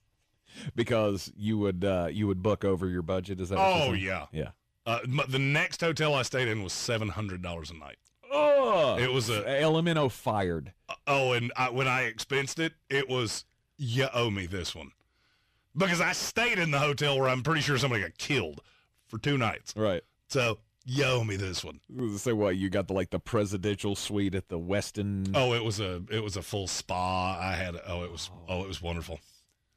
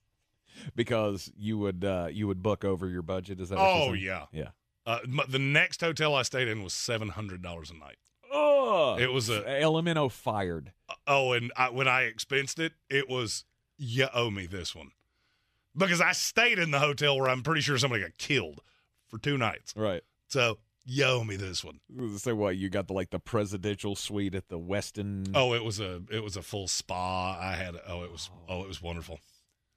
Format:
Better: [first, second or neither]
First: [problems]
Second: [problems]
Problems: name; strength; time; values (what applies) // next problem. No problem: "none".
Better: second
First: distortion; slight; 10 dB below the speech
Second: none